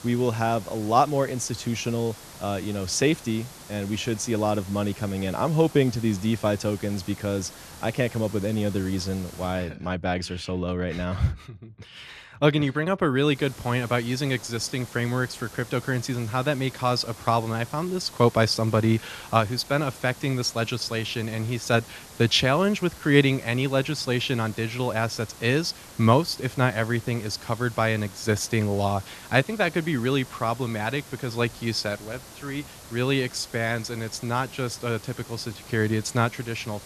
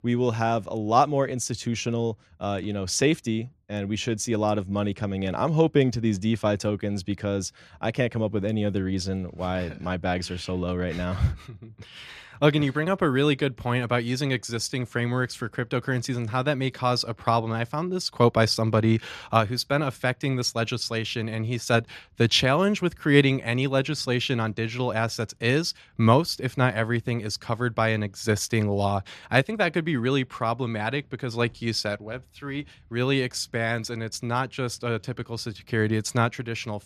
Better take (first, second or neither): second